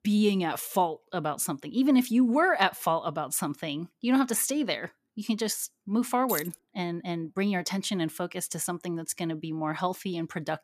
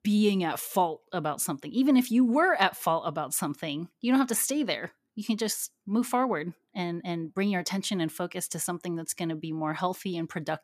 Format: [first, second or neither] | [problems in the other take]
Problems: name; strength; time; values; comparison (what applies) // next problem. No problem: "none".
second | jangling keys; noticeable; at 6.5 s; peak 5 dB below the speech